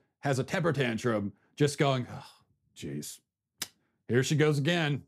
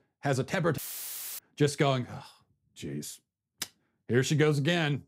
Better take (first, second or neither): first